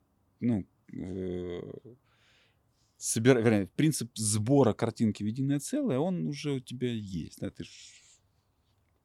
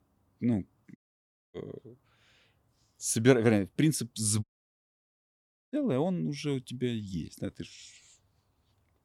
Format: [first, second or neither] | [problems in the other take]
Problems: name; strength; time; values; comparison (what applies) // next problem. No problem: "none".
first | audio cutting out; at 1 s for 0.5 s and at 4.5 s for 1.5 s